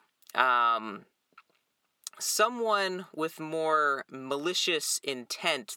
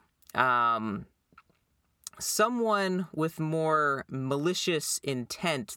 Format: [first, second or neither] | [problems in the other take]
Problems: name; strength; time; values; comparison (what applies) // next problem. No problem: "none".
second | thin; somewhat; fading below 350 Hz